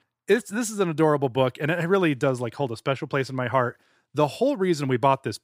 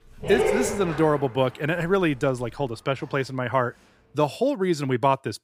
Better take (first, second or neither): first